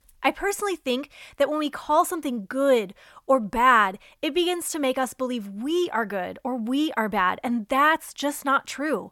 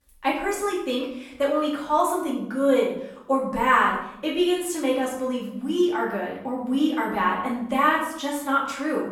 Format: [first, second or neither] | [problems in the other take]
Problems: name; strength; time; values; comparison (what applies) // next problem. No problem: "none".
first | off-mic speech; far // room echo; noticeable; dies away in 0.6 s